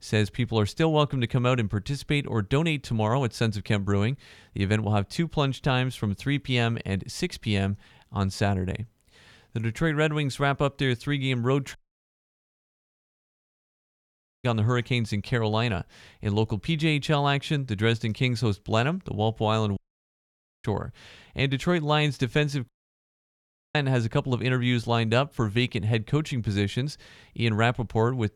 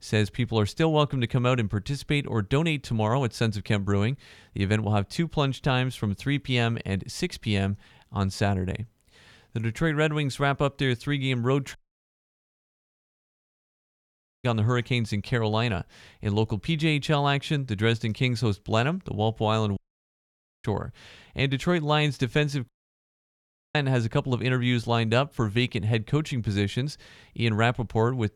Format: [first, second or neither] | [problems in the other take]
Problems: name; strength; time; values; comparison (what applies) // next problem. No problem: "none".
neither | audio cutting out; at 12 s for 2.5 s, at 20 s for 1 s and at 23 s for 1 s; the same in both